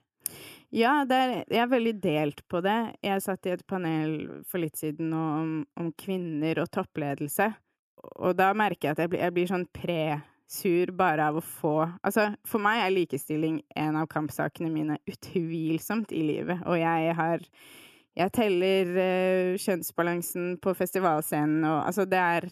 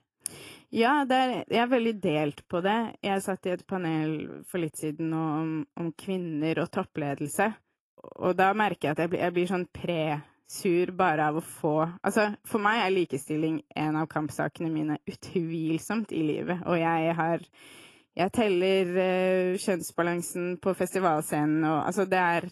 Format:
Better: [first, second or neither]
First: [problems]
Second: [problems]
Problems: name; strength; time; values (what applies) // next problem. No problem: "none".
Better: first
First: none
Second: garbled, watery; slightly; nothing above 12 kHz